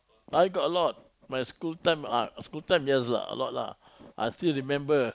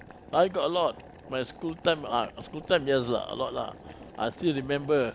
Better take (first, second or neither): first